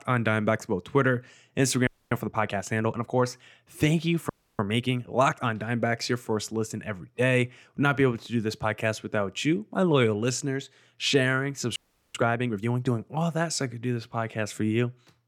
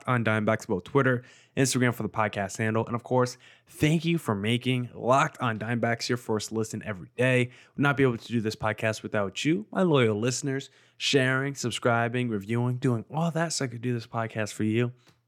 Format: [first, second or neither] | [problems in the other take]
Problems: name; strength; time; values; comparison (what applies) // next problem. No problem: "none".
second | audio freezing; at 2 s, at 4.5 s and at 12 s